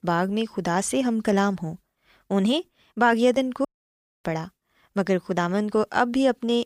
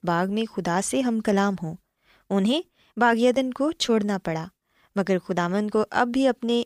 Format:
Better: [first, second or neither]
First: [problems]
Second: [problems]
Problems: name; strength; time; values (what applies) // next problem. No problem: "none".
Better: second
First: audio cutting out; at 3.5 s for 0.5 s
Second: none